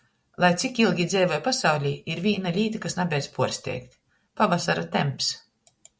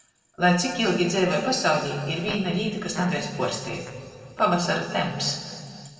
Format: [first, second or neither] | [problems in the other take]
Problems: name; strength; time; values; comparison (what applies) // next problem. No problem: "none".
first | background sound (Fart); 20 dB below the speech // room echo; dies away in 2.1 s